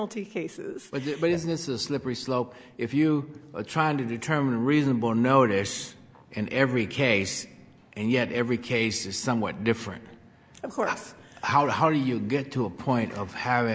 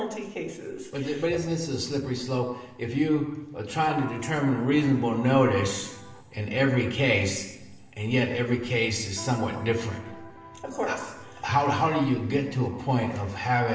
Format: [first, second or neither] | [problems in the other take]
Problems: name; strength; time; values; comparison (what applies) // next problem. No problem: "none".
first | background sound (Electric guitar); 17 dB below the speech // room echo; dies away in 0.9 s